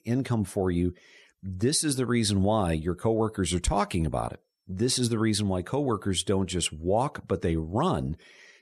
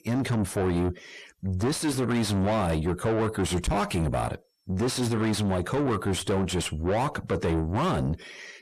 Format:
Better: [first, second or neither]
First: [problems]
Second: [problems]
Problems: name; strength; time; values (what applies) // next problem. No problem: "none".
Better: first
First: none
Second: distortion; heavy; 5 dB below the speech